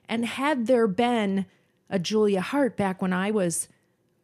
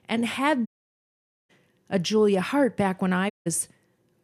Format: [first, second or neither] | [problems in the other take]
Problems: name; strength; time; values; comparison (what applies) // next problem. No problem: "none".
first | audio cutting out; at 0.5 s for 1 s and at 3.5 s